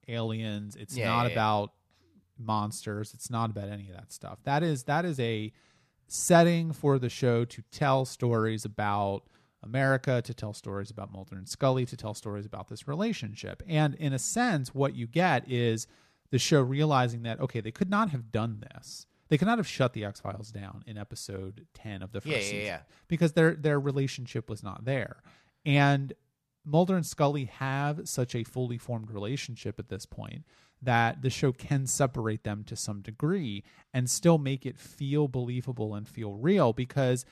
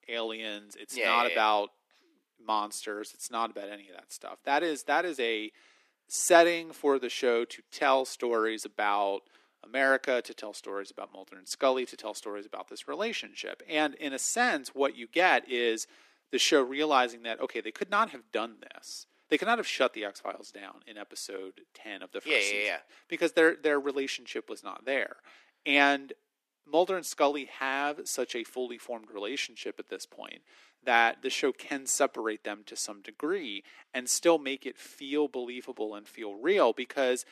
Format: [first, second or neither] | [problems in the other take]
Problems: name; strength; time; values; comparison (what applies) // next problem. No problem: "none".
first | thin; somewhat; fading below 300 Hz